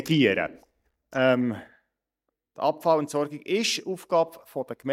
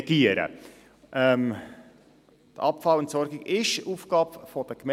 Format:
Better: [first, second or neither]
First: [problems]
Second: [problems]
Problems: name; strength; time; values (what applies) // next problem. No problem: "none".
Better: second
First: noise reduction (neural mask model DeepFilterNet 3)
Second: none